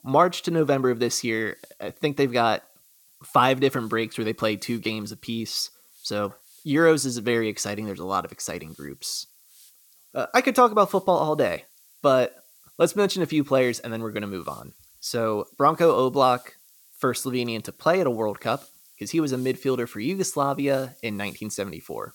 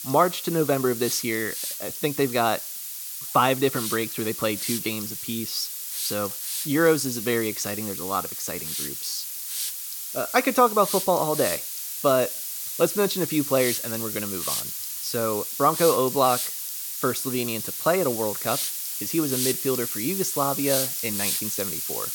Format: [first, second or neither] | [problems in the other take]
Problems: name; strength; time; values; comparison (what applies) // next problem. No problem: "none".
first | hiss; loud; throughout; 3 dB below the speech; faint in the first